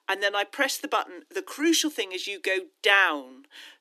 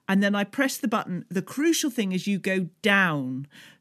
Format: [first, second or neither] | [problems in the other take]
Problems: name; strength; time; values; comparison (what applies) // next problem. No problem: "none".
second | thin; very; fading below 300 Hz